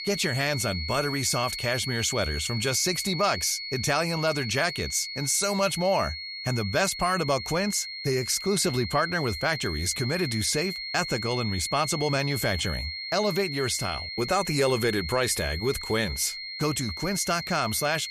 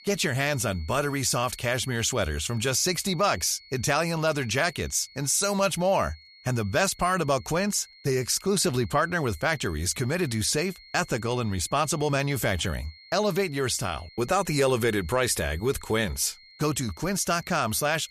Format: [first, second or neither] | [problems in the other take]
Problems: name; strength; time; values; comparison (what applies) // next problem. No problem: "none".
second | high-pitched whine; loud; throughout; 4.5 kHz, 6 dB below the speech; faint in the second